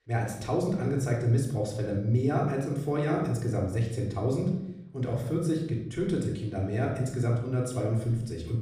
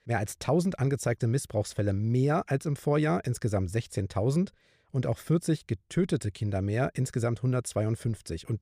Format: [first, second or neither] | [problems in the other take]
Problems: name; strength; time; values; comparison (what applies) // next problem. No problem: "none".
second | off-mic speech; far // room echo; noticeable; dies away in 0.7 s